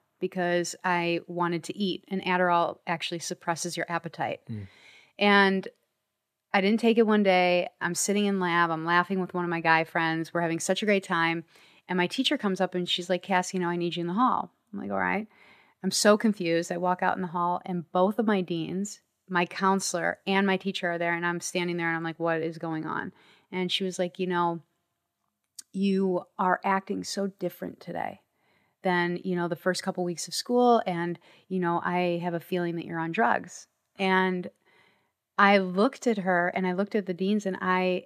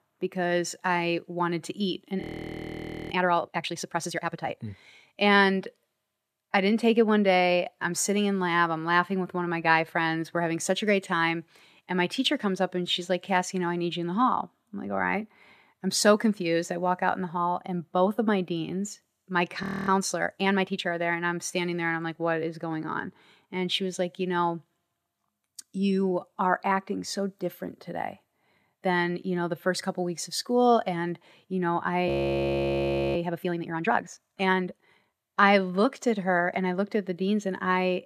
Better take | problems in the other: first | audio freezing; at 2 s for 1 s, at 20 s and at 32 s for 1 s

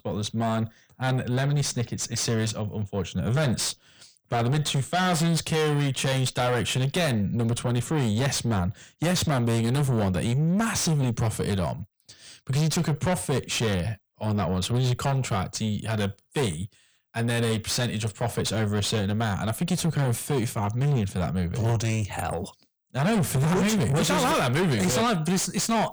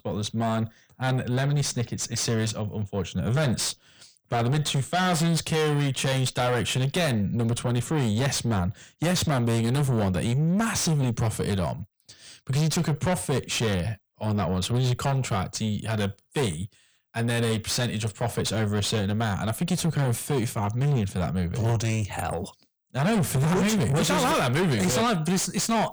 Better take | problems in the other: neither | distortion; heavy; 6 dB below the speech; the same in both

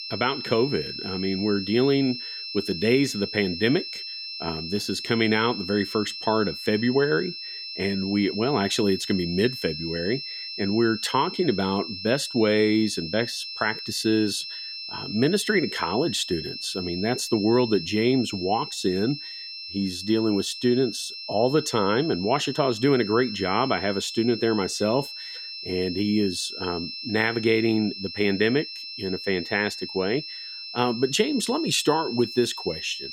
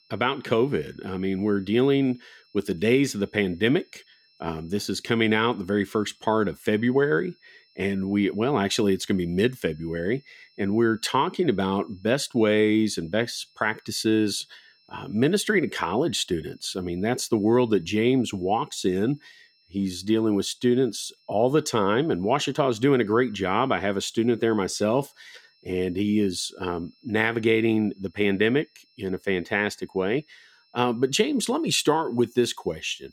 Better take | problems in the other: second | high-pitched whine; loud; throughout; 5.5 kHz, 8 dB below the speech; faint in the second

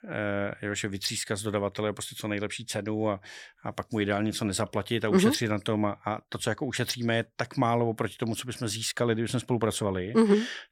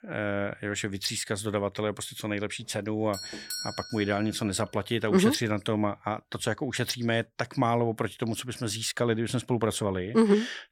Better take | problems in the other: first | doorbell; noticeable; from 3 to 4.5 s; peak 6 dB below the speech

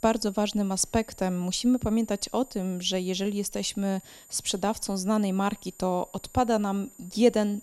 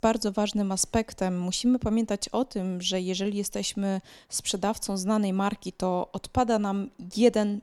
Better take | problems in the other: second | high-pitched whine; faint; throughout; 7 kHz, 20 dB below the speech

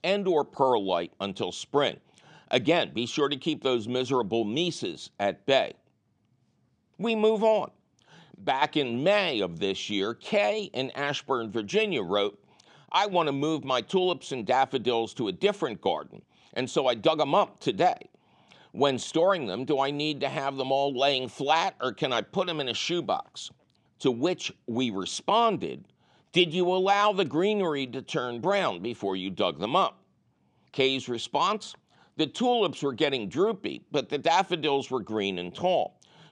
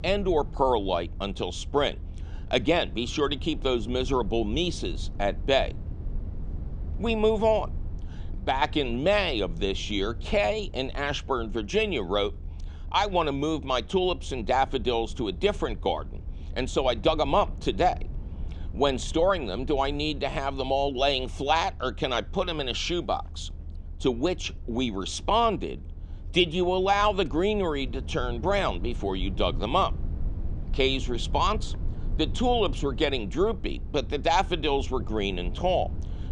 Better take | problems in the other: first | low rumble; faint; throughout; 25 dB below the speech

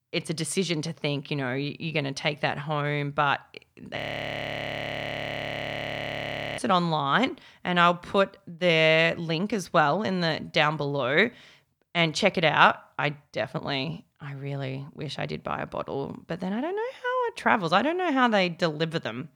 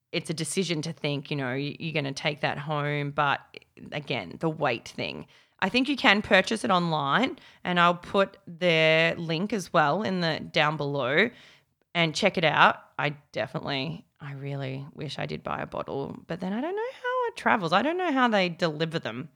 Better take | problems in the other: second | audio freezing; at 4 s for 2.5 s

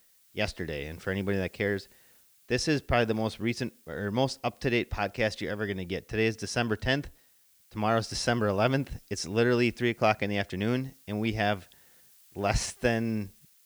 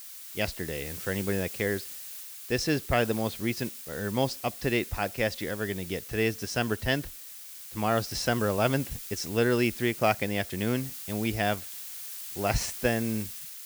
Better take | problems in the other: first | hiss; loud; throughout; 9 dB below the speech; faint in the first

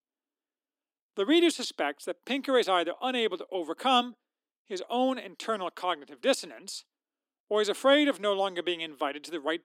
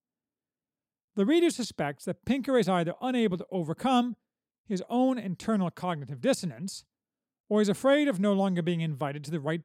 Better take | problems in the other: second | thin; somewhat; fading below 300 Hz

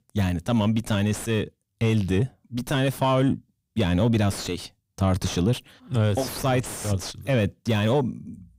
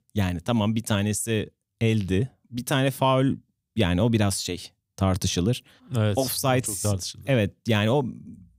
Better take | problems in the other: second | distortion; slight; 10 dB below the speech

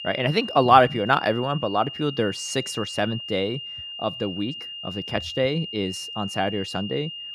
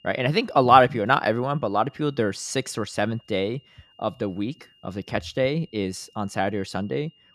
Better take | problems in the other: second | high-pitched whine; loud; throughout; 3 kHz, 9 dB below the speech; faint in the second

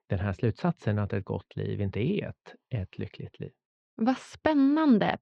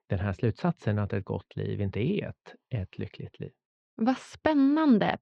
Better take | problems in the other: neither | muffled; slightly; fading above 4 kHz; the same in both

